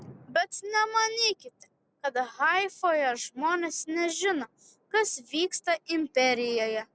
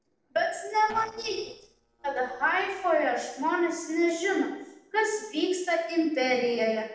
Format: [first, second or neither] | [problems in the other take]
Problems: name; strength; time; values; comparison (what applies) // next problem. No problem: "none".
first | noise reduction (neural separator model SepFormer DNS4)